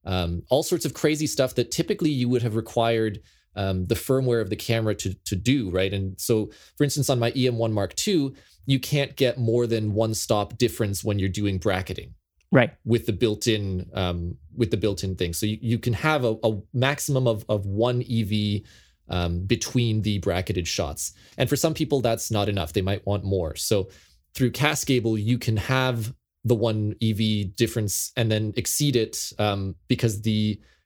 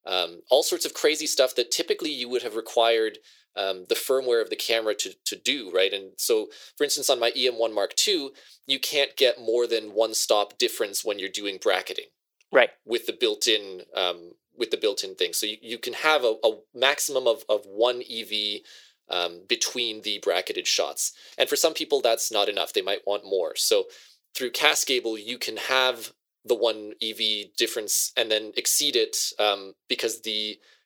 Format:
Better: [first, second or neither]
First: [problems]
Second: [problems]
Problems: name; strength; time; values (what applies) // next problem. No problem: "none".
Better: first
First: none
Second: thin; very; fading below 450 Hz